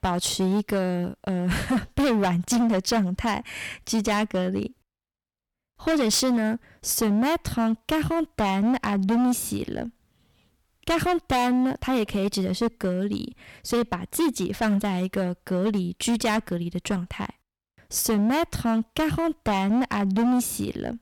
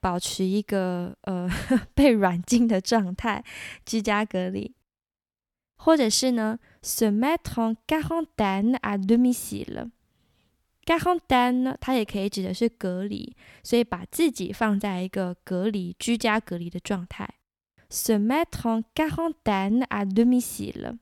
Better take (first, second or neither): second